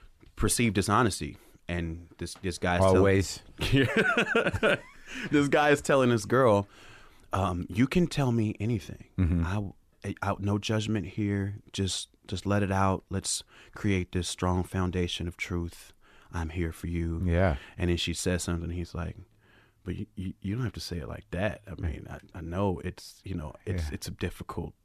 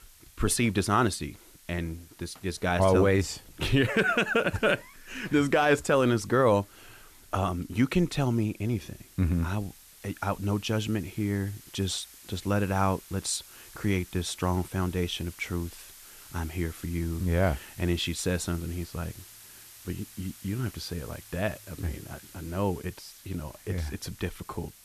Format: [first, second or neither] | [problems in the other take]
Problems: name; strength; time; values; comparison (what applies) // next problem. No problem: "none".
first | hiss; faint; throughout; 20 dB below the speech